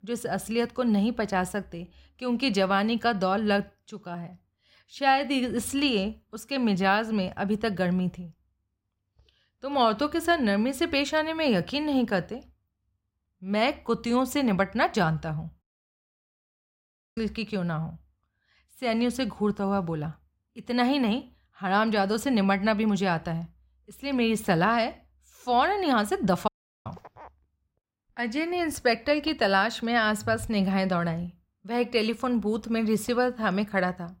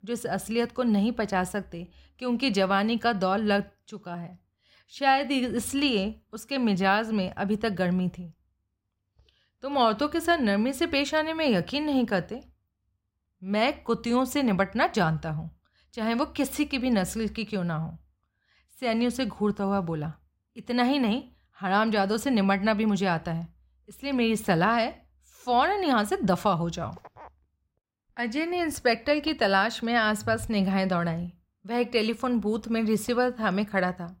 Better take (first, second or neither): second